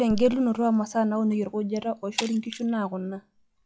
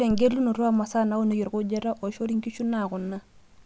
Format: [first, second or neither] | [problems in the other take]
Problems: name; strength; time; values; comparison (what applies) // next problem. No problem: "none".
second | noise reduction (classical method log-MMSE)